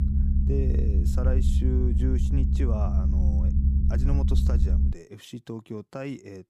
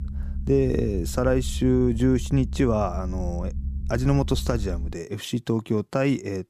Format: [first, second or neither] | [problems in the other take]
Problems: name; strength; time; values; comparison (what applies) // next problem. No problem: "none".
second | low rumble; loud; until 5 s; 2 dB below the speech; faint in the second